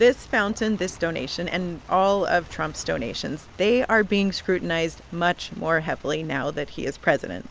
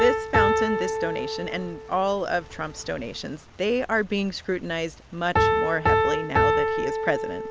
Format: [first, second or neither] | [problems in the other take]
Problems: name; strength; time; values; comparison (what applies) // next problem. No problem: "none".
first | background sound (Piano); 1 dB above the speech